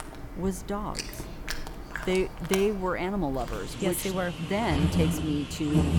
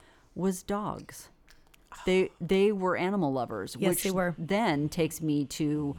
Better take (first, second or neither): second